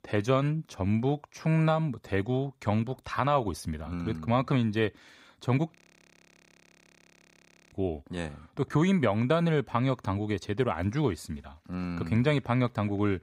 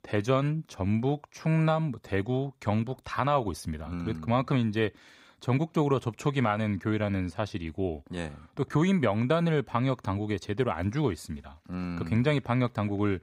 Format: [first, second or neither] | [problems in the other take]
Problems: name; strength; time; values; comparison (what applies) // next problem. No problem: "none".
second | audio freezing; at 6 s for 2 s